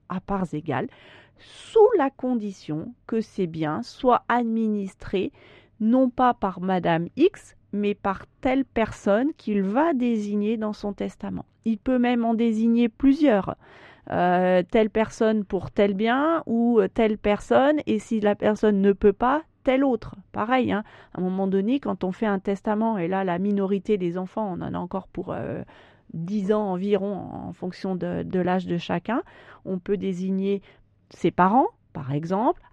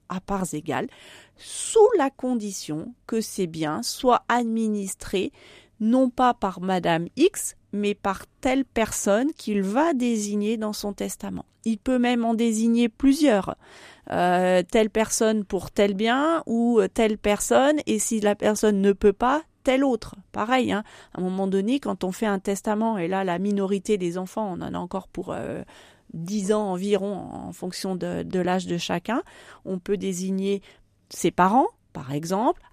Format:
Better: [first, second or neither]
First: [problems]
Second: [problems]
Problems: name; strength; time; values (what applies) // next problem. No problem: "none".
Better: second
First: muffled; very; fading above 2.5 kHz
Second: none